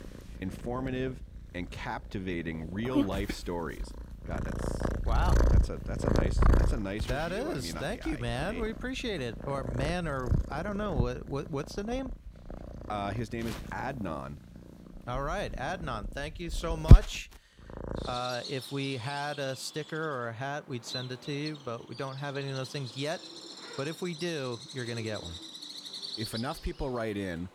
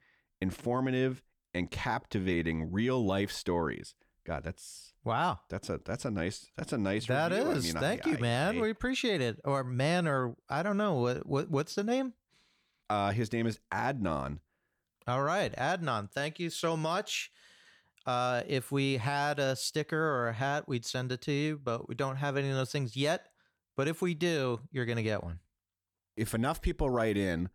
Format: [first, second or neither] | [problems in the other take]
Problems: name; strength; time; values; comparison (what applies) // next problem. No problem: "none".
second | animal sounds; very loud; throughout; 3 dB above the speech